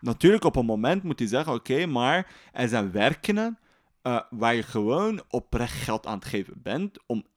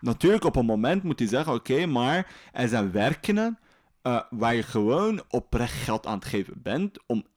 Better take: first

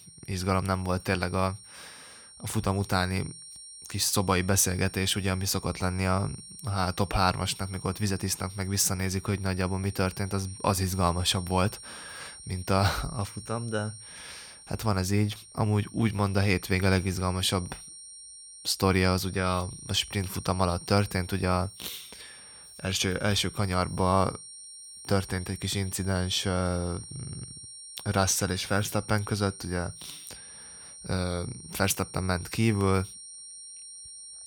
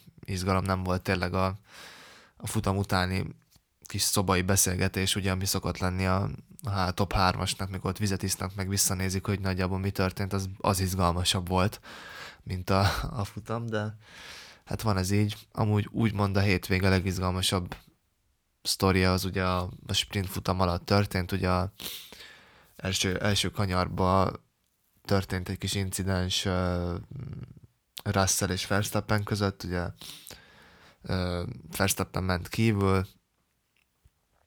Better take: second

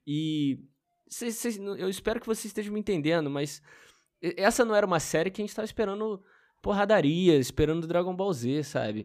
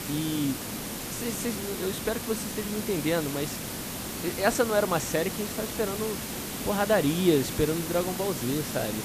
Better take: first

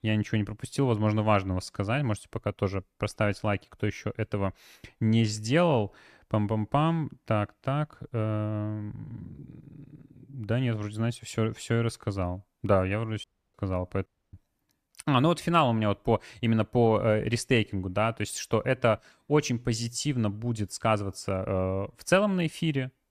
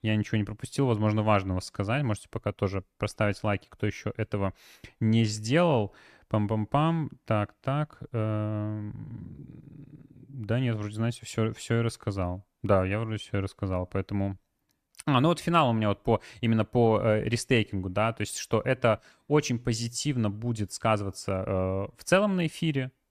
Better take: second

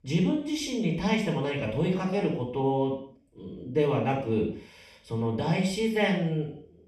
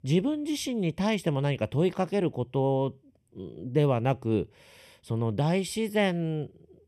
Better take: second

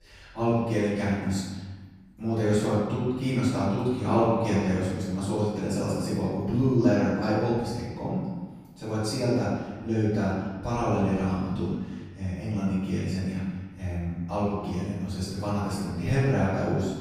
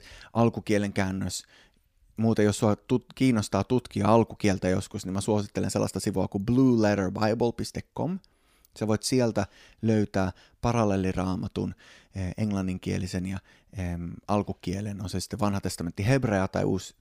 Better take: second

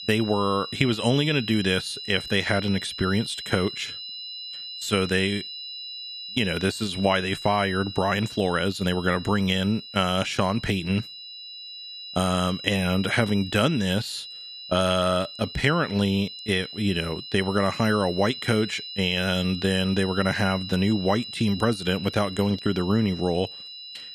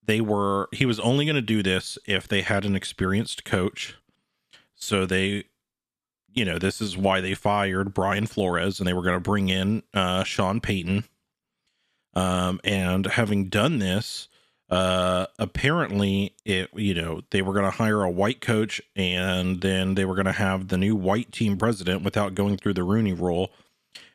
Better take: second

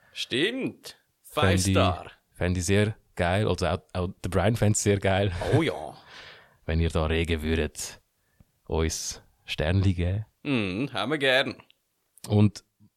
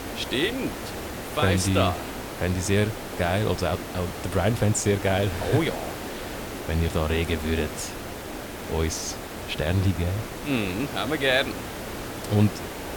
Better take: first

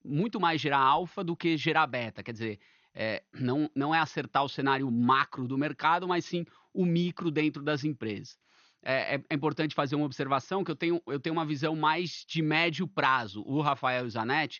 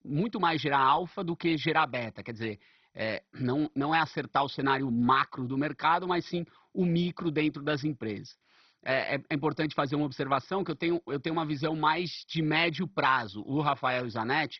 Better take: first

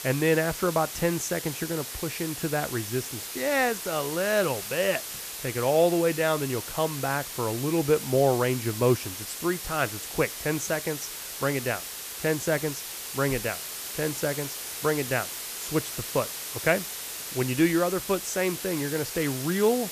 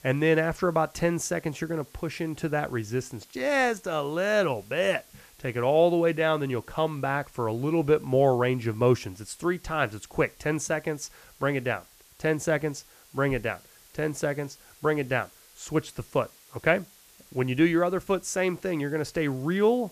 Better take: second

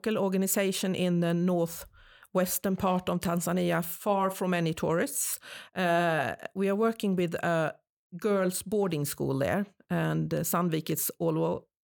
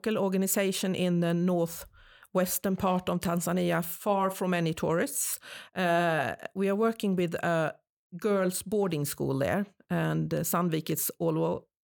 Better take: neither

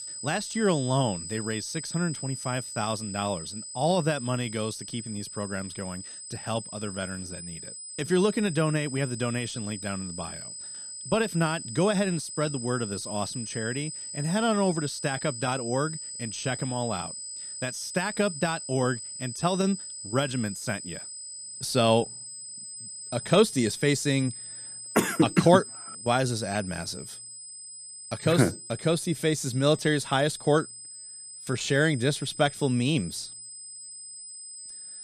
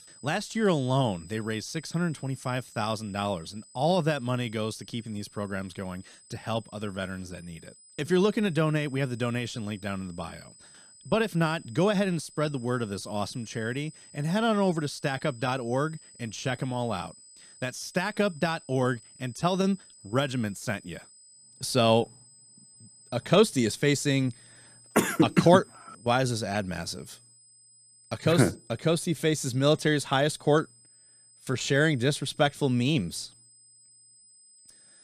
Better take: second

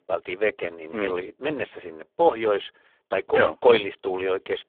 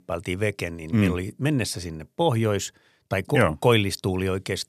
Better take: second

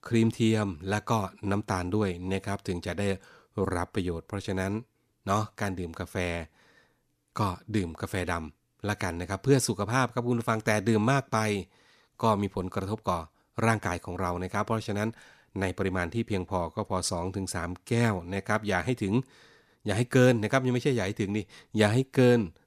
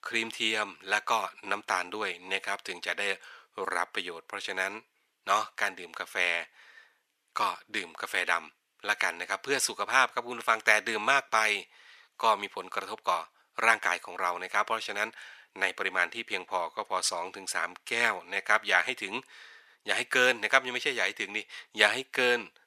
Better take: first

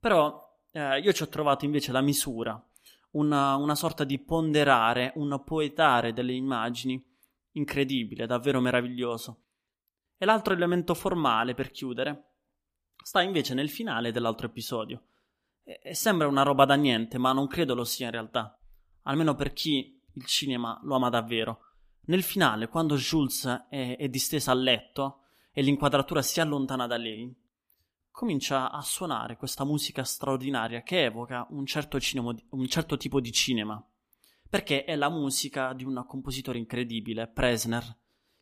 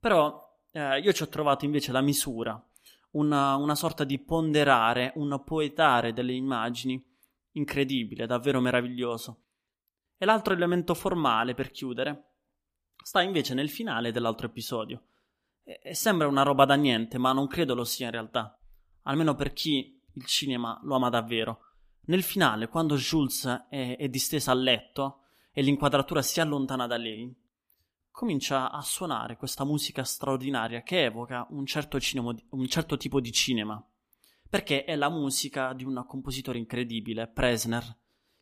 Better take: neither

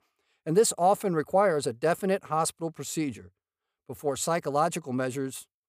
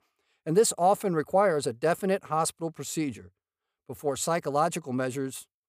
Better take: neither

